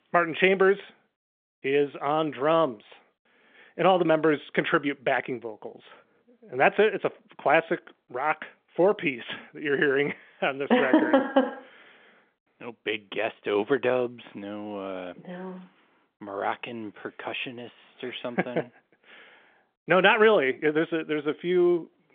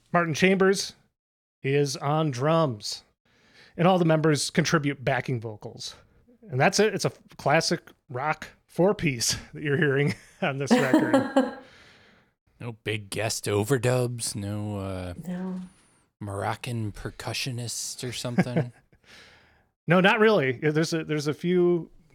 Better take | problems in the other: second | phone-call audio; nothing above 3.5 kHz

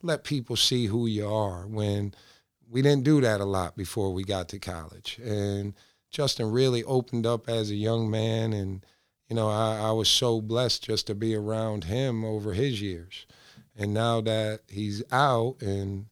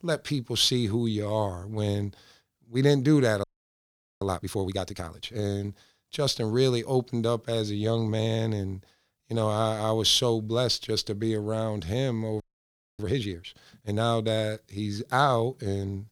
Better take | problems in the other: first | audio freezing; at 3.5 s for 1 s and at 12 s for 0.5 s

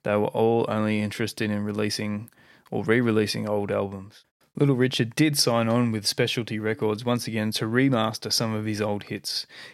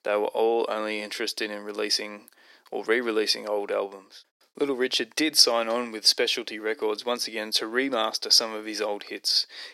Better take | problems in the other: first | thin; somewhat; fading below 350 Hz

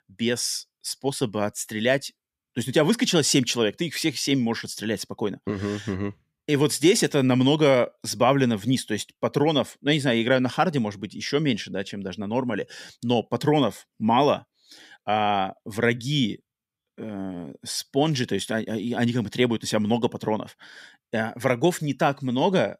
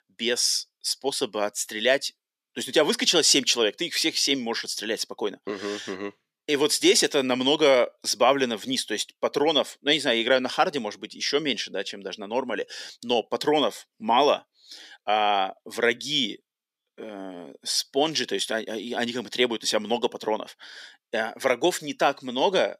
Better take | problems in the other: first | thin; somewhat; fading below 400 Hz

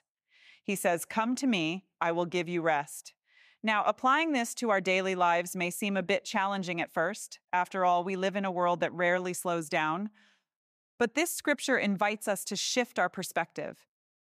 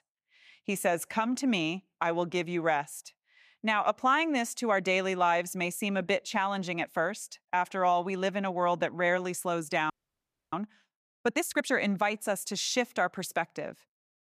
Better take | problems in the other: first | audio freezing; at 10 s for 0.5 s

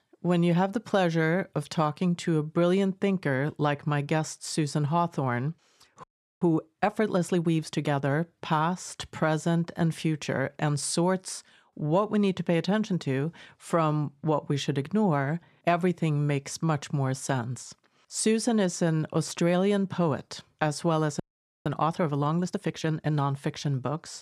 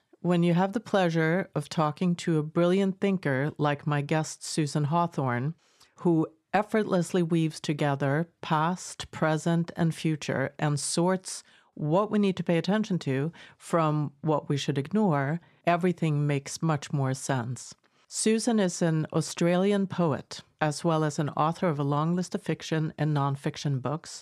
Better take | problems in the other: second | audio freezing; at 6 s and at 21 s

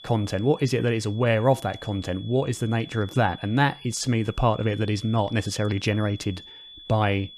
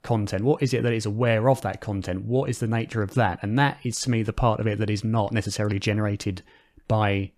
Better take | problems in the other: second | high-pitched whine; noticeable; throughout; 3.5 kHz, 20 dB below the speech

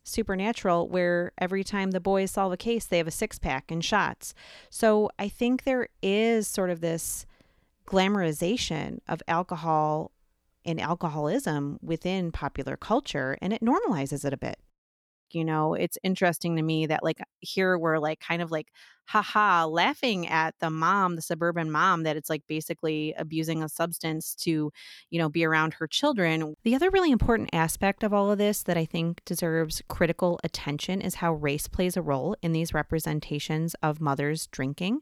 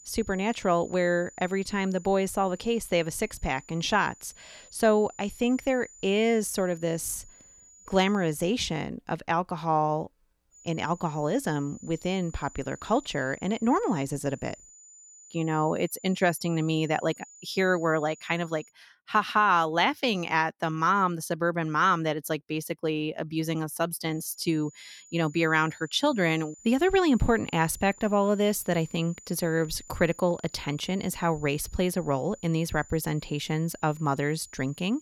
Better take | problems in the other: first | high-pitched whine; faint; until 8.5 s, from 11 to 19 s and from 24 s on; 7 kHz, 20 dB below the speech

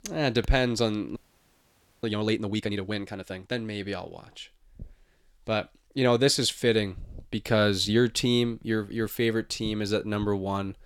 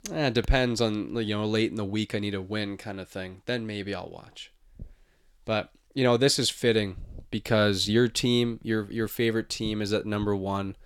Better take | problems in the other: second | audio freezing; at 1 s for 1 s

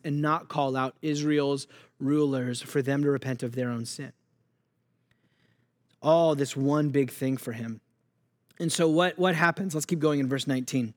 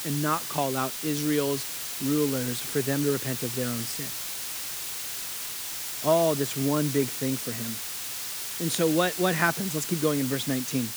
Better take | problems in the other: first | hiss; loud; throughout; 4 dB below the speech

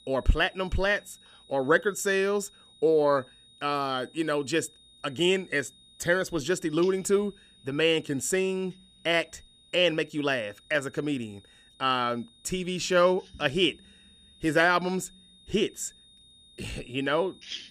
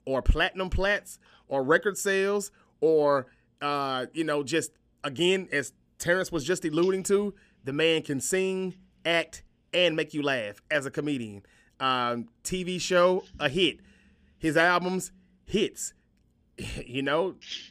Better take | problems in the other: second | high-pitched whine; faint; throughout; 3.5 kHz, 25 dB below the speech

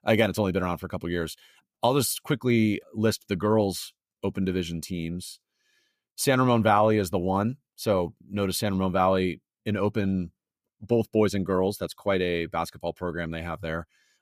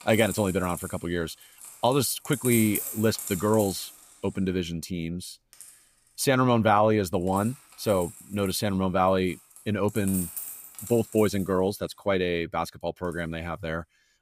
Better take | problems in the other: first | household noises; loud; throughout; 10 dB below the speech

